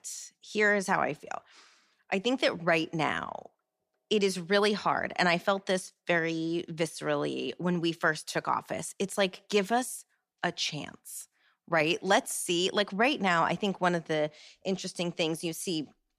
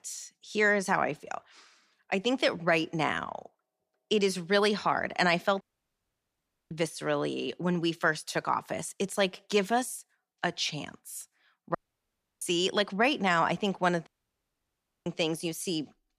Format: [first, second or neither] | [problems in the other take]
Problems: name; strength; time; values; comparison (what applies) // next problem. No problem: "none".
first | audio cutting out; at 5.5 s for 1 s, at 12 s for 0.5 s and at 14 s for 1 s